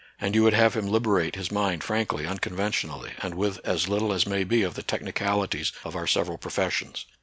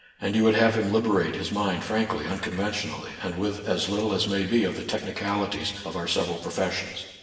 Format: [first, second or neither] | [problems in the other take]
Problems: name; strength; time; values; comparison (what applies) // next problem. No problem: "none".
first | room echo; dies away in 1.2 s